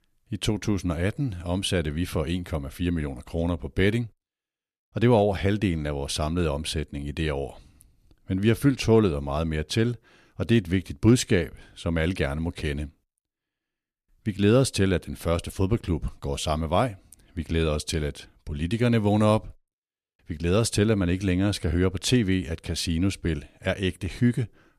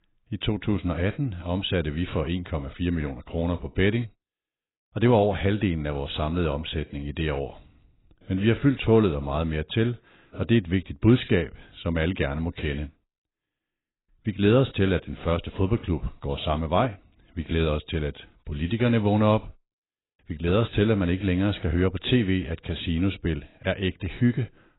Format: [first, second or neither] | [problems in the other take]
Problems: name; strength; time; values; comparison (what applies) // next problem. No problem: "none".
first | garbled, watery; badly; nothing above 4 kHz